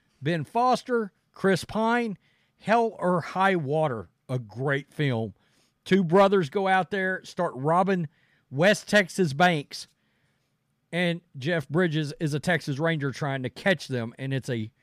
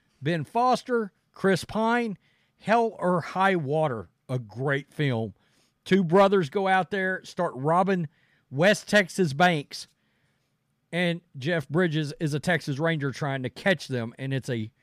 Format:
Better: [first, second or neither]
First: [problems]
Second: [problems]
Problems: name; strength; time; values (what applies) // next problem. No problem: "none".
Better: neither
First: none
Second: none